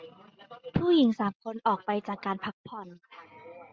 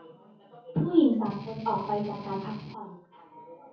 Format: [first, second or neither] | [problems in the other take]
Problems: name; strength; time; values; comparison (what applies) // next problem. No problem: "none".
first | background sound (Strum); 12 dB below the speech // room echo; dies away in 0.6 s